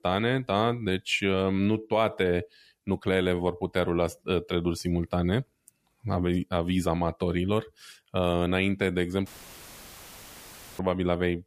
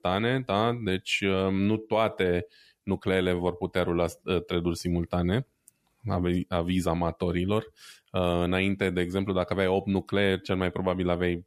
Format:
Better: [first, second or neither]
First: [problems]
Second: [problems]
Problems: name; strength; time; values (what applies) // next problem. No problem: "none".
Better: second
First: audio cutting out; filled with static; at 9.5 s for 1.5 s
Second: none